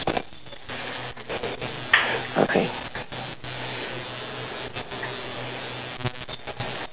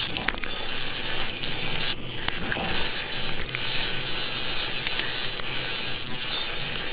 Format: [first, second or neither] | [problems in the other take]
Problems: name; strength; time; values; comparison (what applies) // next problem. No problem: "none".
first | noise reduction (neural separator model SepFormer WHAMR!)